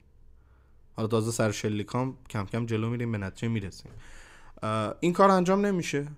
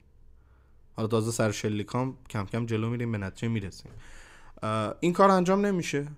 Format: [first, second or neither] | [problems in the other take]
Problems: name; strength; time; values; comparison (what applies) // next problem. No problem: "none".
neither | none